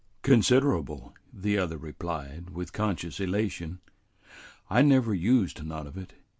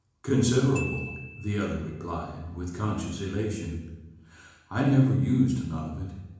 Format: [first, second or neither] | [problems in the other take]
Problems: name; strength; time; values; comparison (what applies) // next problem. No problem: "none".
first | background sound (Glockenspiel); 18 dB below the speech // room echo; dies away in 1 s